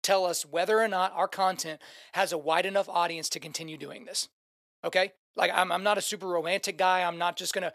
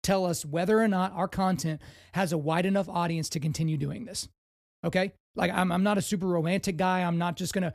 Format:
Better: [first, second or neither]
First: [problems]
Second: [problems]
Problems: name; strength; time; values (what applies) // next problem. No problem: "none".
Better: second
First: thin; very; fading below 600 Hz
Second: none